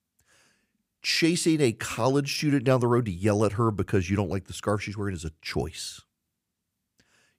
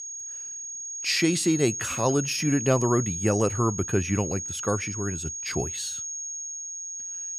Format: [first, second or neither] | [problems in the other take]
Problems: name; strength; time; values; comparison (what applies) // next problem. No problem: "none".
first | high-pitched whine; loud; throughout; 6.5 kHz, 5 dB below the speech